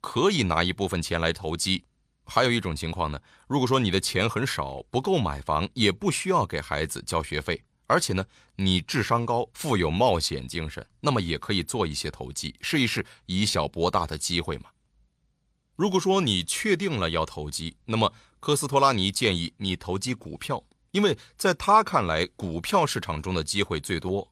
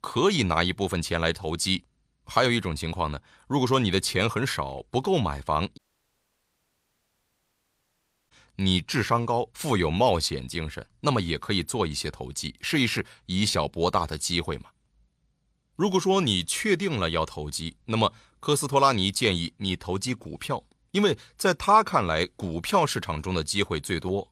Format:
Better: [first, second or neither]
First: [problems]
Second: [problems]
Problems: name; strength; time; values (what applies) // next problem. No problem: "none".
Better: first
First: none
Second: audio cutting out; at 6 s for 2.5 s